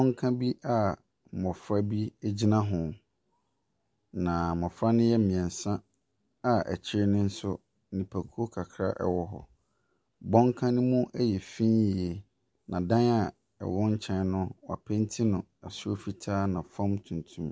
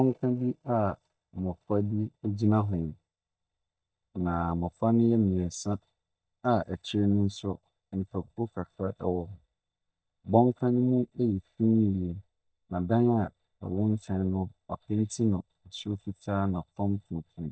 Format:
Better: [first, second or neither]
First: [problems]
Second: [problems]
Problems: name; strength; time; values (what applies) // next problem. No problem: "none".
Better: first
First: none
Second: noise reduction (neural mask model DeepFilterNet 3)